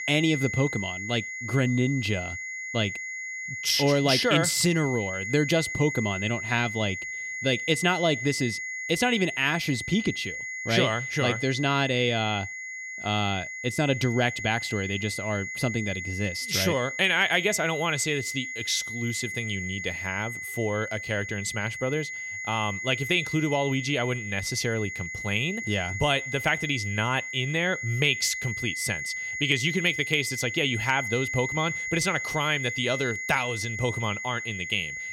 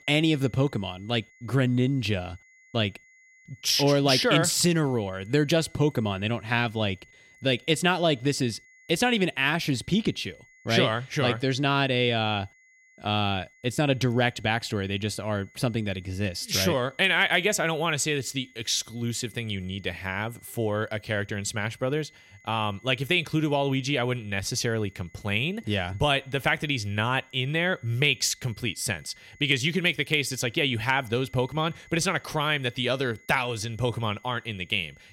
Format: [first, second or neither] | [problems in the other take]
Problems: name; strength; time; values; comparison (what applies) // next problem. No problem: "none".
second | high-pitched whine; loud; throughout; 2 kHz, 6 dB below the speech; faint in the second